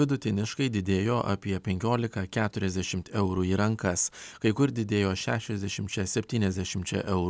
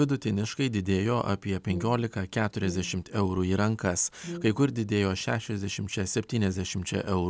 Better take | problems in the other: first | background sound (Brass instrument); 13 dB below the speech

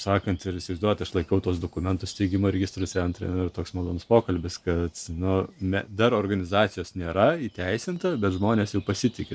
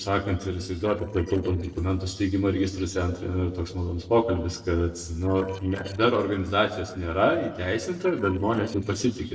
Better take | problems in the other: first | noise reduction (neural separator model SepFormer DNS4)

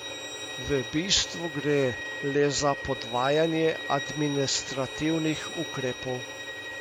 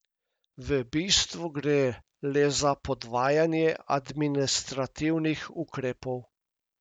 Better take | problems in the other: second | background sound (Bowed string instrument); 8 dB below the speech

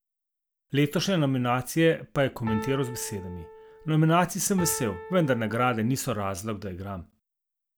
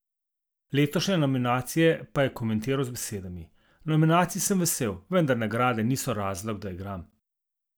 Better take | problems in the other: second | background sound (Piano); 12 dB below the speech

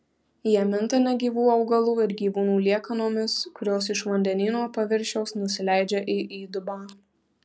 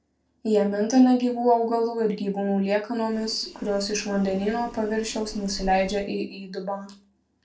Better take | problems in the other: first | noise reduction (neural separator model SepFormer DNS4)

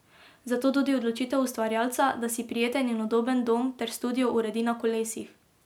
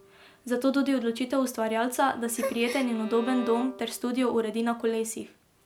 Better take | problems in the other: first | background sound (Gasp + Bowed string instrument); 15 dB below the speech

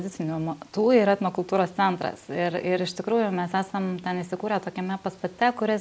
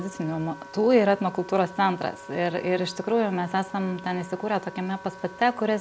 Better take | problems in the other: first | background sound (Wind instrument, woodwind instrument); 18 dB below the speech

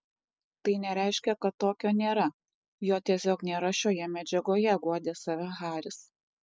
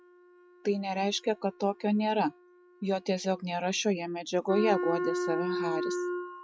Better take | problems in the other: first | noise reduction (classical method log-MMSE)

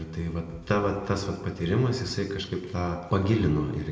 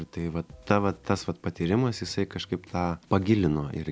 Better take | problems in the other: second | room echo; dies away in 1.2 s

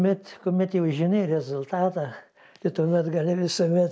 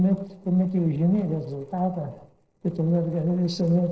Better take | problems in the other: first | noise reduction (neural separator model SepFormer DNS4)

